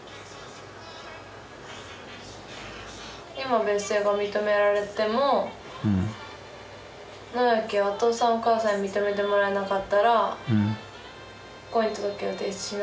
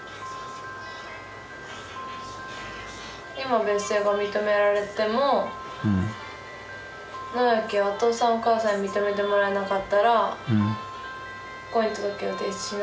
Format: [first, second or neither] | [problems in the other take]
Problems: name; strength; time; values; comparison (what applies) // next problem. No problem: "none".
first | background sound (Piano); 14 dB below the speech